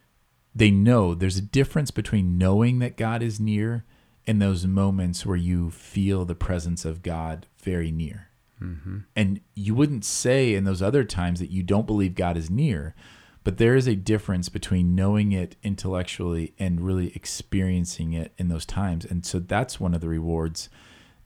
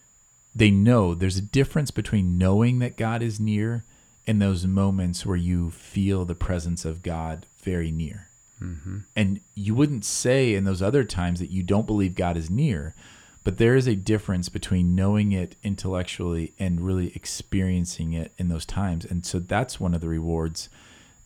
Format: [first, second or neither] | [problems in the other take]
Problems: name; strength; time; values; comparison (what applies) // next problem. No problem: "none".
first | high-pitched whine; faint; throughout; 7 kHz, 30 dB below the speech